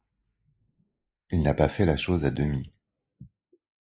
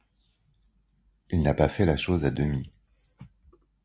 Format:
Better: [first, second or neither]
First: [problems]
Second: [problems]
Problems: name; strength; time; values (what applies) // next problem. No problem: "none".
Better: second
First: noise reduction (neural mask model Resemble Enhance denoiser)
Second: none